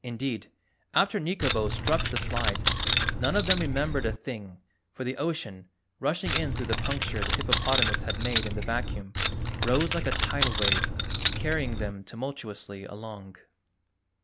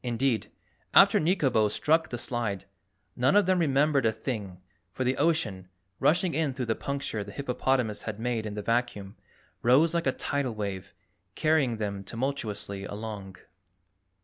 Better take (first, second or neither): second